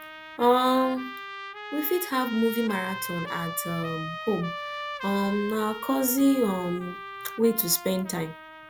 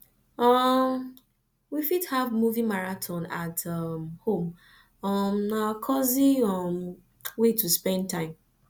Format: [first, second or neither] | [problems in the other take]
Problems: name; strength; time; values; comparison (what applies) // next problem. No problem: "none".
second | background sound (Trumpet); 11 dB below the speech